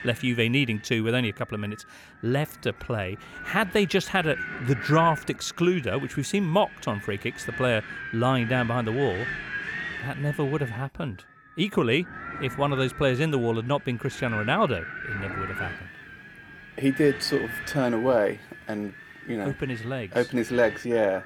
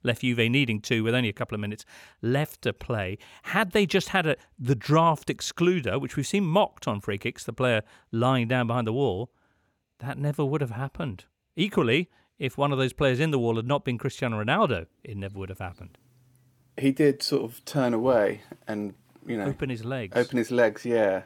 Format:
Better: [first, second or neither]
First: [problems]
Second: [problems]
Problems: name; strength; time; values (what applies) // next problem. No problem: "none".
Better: second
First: wind noise on the microphone; heavy; 8 dB below the speech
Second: none